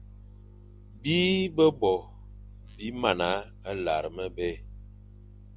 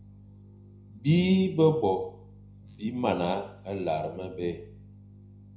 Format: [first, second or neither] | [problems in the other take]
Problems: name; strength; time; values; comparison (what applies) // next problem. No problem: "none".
first | room echo; dies away in 0.4 s